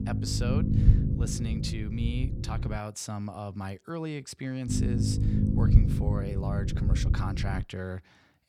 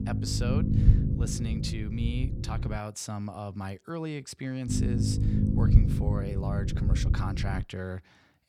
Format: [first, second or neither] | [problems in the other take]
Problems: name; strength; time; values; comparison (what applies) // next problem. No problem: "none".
neither | low rumble; loud; until 3 s and from 4.5 to 7.5 s; 1 dB below the speech; the same in both